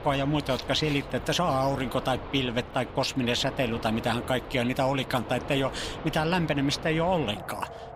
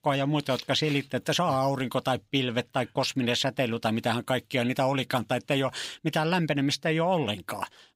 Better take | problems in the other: second | traffic noise; noticeable; throughout; 10 dB below the speech

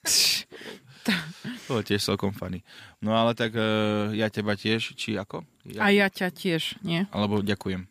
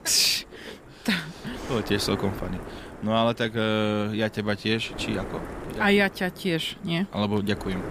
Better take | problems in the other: first | wind noise on the microphone; occasional gusts; 15 dB below the speech

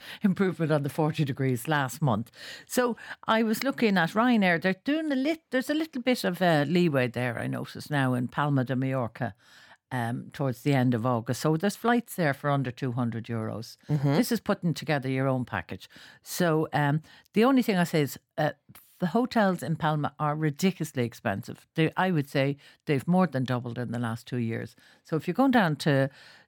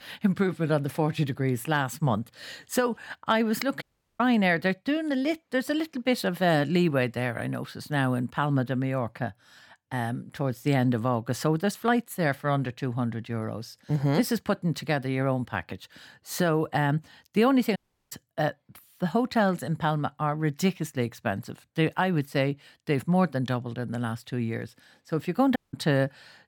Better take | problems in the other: first | audio cutting out; at 4 s, at 18 s and at 26 s

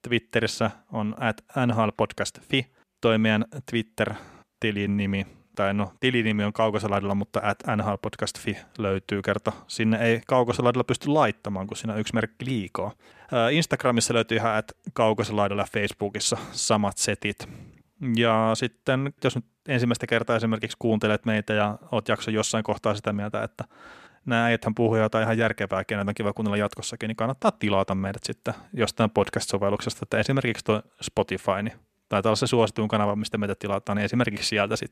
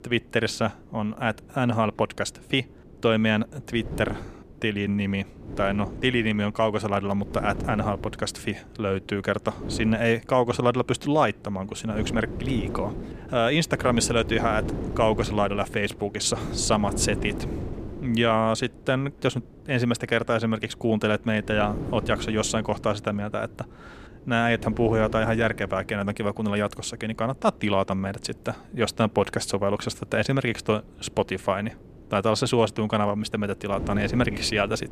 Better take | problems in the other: first | wind noise on the microphone; occasional gusts; 15 dB below the speech

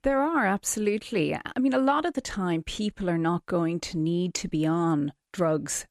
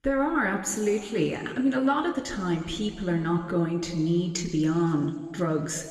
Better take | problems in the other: first | room echo; slight; dies away in 1.8 s

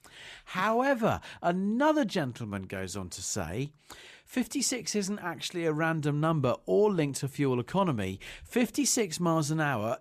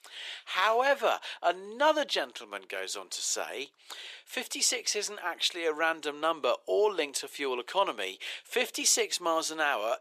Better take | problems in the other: first | thin; very; fading below 400 Hz

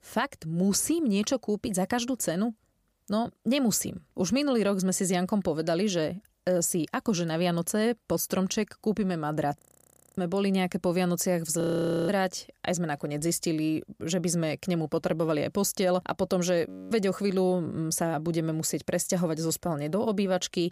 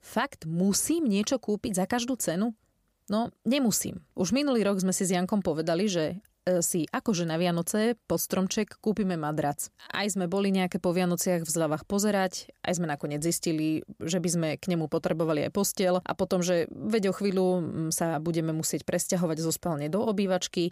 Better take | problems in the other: second | audio freezing; at 9.5 s for 0.5 s, at 12 s and at 17 s

